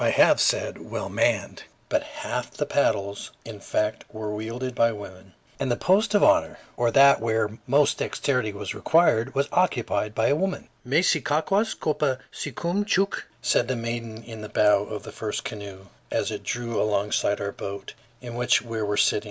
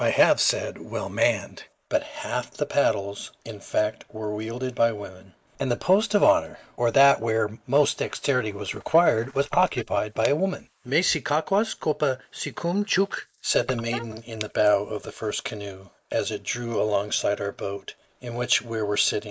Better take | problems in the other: first | noise reduction (neural mask model Resemble Enhance denoiser)

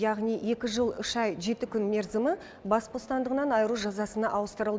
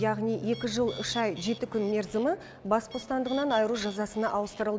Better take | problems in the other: first | background sound (Bird + Marimba, xylophone); 16 dB below the speech

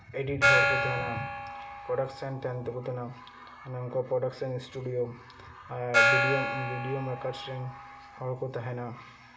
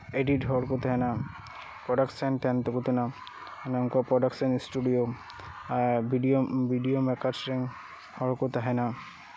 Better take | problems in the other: second | background sound (Gong); 2 dB above the speech // room echo; dies away in 1.6 s

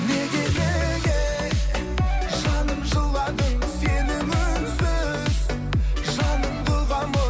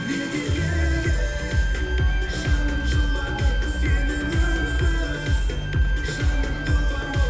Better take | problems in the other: first | background sound (Bowed string instrument); 12 dB below the speech // room echo; dies away in 1.3 s

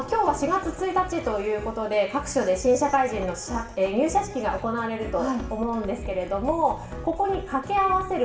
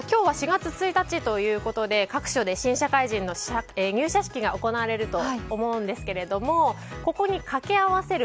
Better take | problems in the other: second | background sound (Knock); 19 dB below the speech // room echo; dies away in 0.8 s

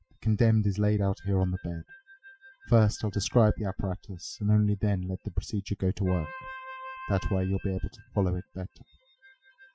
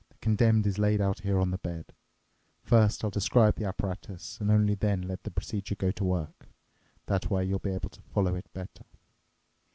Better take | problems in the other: second | noise reduction (classical method Wiener filter)

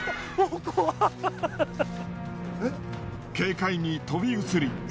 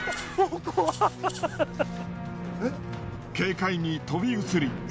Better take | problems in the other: first | background sound (Rattle (instrument)); 17 dB below the speech

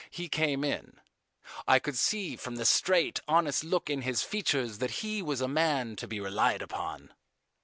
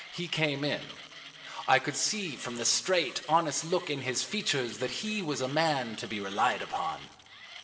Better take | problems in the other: first | background sound (Mechanisms); 16 dB below the speech // room echo; dies away in 2.9 s

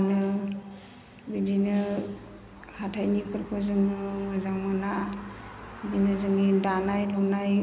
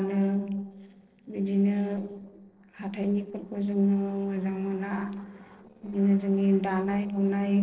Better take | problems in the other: first | noise reduction (neural separator model SepFormer DNS4)

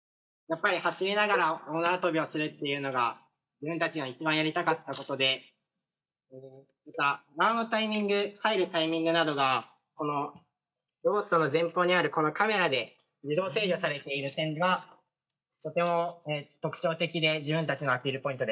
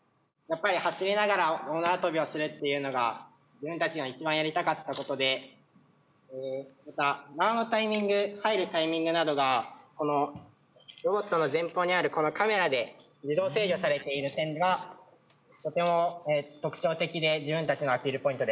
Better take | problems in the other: second | noise reduction (neural mask model DeepFilterNet 3)

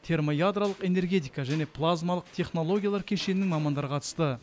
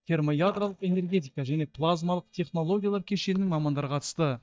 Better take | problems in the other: first | noise reduction (neural mask model DeepFilterNet 3)

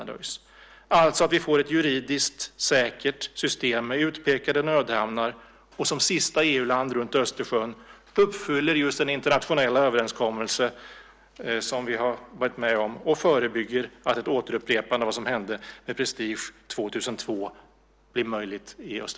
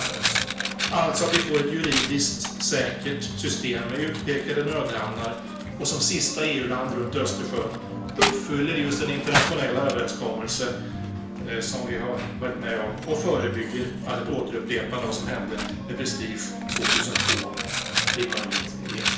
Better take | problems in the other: first | background sound (Coin (dropping)); 1 dB below the speech // room echo; dies away in 0.5 s

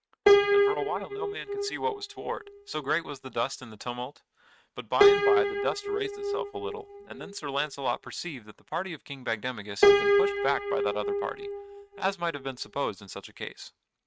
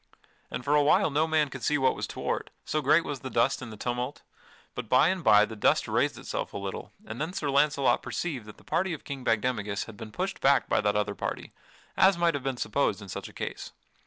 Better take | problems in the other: second | noise reduction (neural mask model RNNoise)

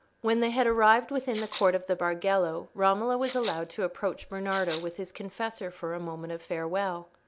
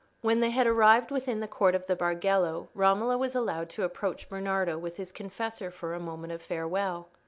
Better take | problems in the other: second | background sound (Rattle (instrument)); 14 dB below the speech

